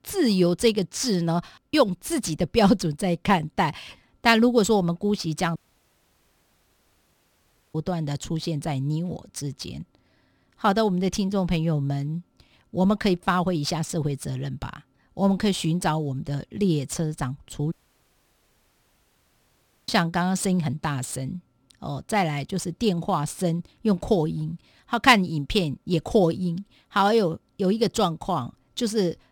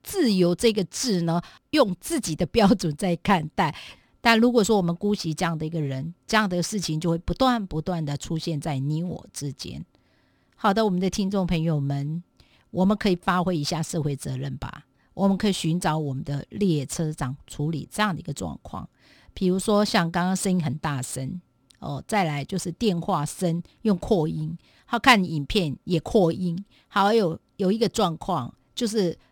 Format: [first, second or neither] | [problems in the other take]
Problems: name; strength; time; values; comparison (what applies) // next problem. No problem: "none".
second | audio cutting out; at 5.5 s for 2 s and at 18 s for 2 s